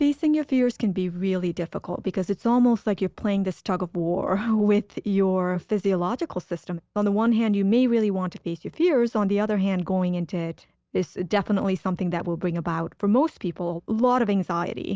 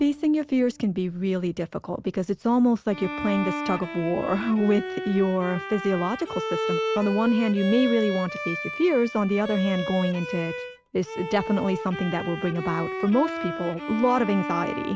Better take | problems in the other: first | background sound (Bowed string instrument); 8 dB below the speech

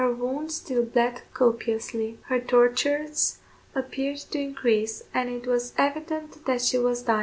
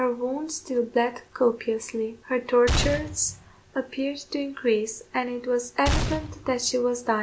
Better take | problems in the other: first | background sound (Gunshot, gunfire); 3 dB below the speech

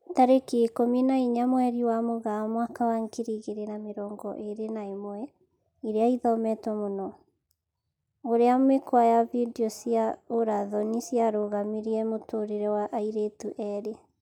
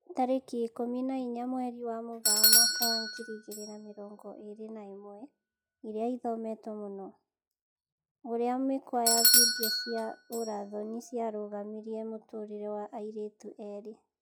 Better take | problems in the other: first | noise reduction (classical method log-MMSE)

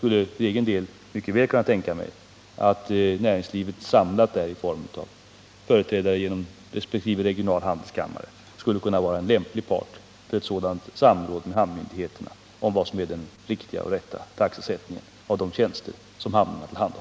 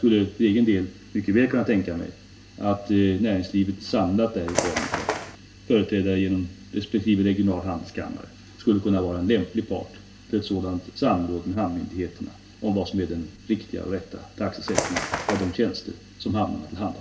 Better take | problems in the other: first | background sound (Bird); 3 dB below the speech // room echo; dies away in 0.2 s

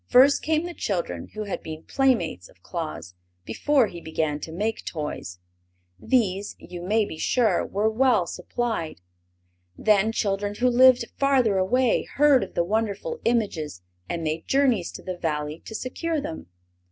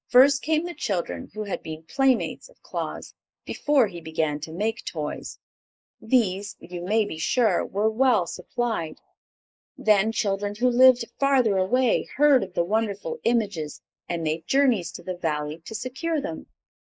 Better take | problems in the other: first | noise reduction (neural mask model Resemble Enhance denoiser)

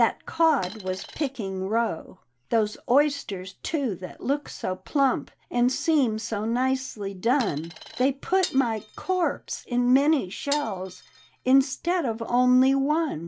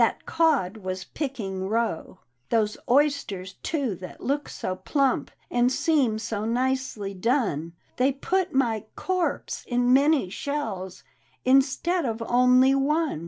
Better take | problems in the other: second | background sound (Glass + Coin (dropping)); 15 dB below the speech

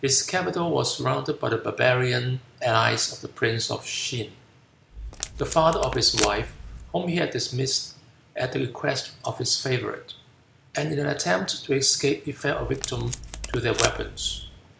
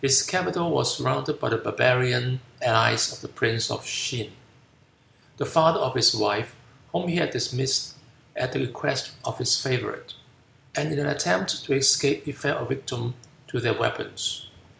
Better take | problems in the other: second | background sound (Packing tape, duct tape); 7 dB below the speech

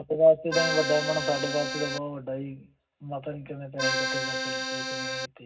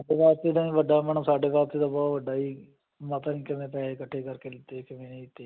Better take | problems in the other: second | background sound (Accordion); 1 dB below the speech // room echo; dies away in 0.4 s

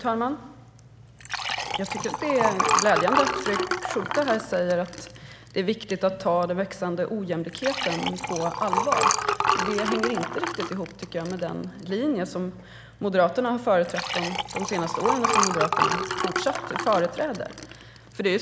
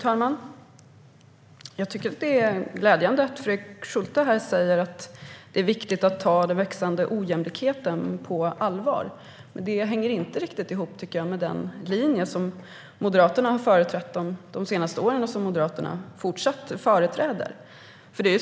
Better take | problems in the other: second | background sound (Liquid); 2 dB below the speech

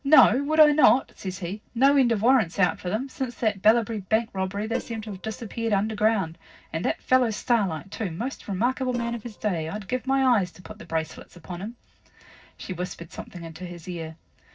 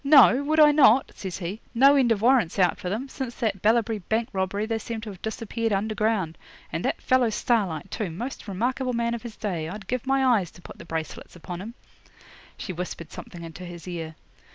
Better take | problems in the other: second | noise reduction (neural separator model SepFormer DNS4)

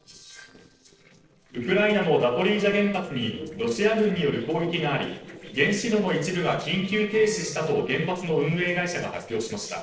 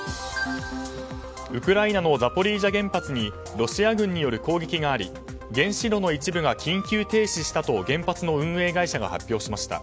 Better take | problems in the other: second | noise reduction (neural separator model SepFormer DNS4)

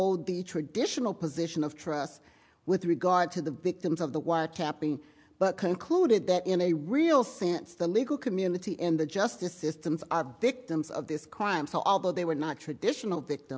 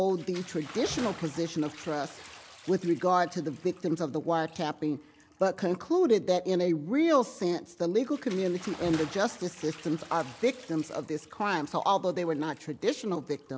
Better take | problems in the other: first | background sound (Bathtub (filling or washing) / Splash, splatter); 19 dB below the speech

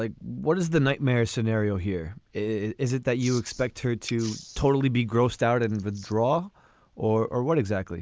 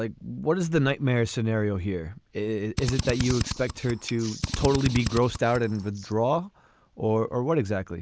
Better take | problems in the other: first | background sound (Drill); 5 dB below the speech

